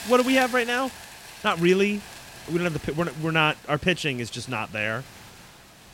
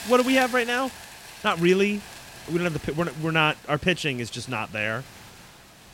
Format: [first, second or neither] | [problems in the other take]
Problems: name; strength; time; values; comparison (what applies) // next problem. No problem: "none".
neither | hiss; noticeable; throughout; 15 dB below the speech; the same in both